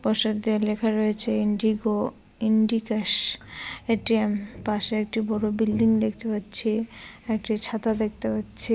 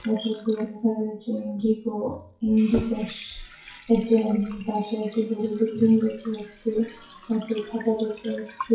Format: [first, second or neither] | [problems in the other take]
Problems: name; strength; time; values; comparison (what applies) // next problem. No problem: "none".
first | noise reduction (classical method WPE with log-MMSE)